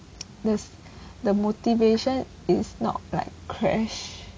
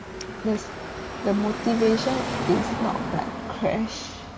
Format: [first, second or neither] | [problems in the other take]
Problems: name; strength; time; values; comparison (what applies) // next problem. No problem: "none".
first | background sound (Car passing by / Traffic noise, roadway noise); 5 dB below the speech